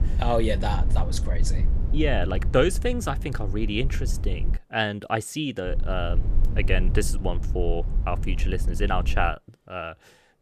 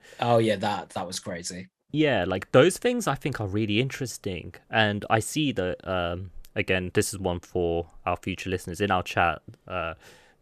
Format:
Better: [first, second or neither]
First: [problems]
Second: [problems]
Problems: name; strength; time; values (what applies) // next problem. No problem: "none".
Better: second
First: low rumble; noticeable; until 4.5 s and from 5.5 to 9.5 s; 15 dB below the speech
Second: none